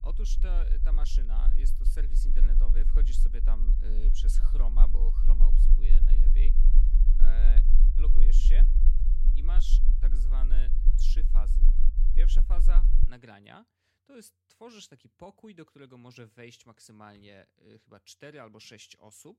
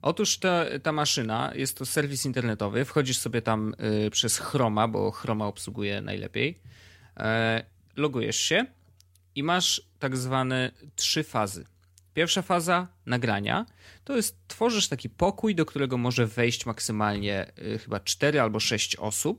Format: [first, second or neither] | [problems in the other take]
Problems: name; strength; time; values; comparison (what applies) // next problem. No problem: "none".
second | low rumble; loud; until 13 s; 5 dB below the speech